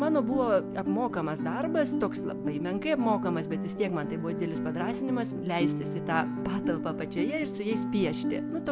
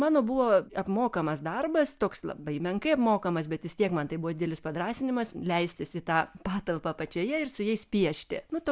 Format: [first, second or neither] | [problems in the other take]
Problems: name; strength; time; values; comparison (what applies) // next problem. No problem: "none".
second | background sound (Guitar); 2 dB below the speech